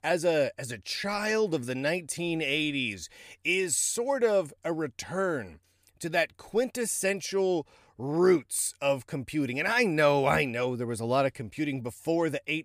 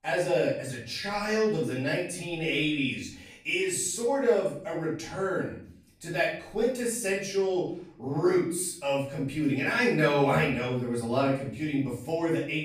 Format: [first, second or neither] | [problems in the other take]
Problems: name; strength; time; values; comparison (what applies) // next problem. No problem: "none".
first | off-mic speech; far // room echo; noticeable; dies away in 0.5 s